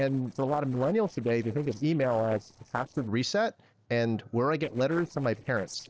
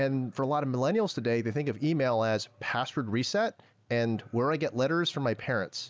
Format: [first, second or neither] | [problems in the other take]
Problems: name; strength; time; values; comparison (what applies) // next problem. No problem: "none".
second | noise reduction (neural separator model SepFormer DNS4)